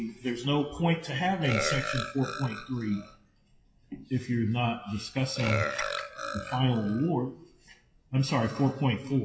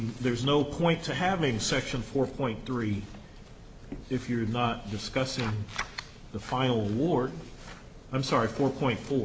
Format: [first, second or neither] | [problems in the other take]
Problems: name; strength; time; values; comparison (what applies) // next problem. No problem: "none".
second | noise reduction (classical method WPE with log-MMSE)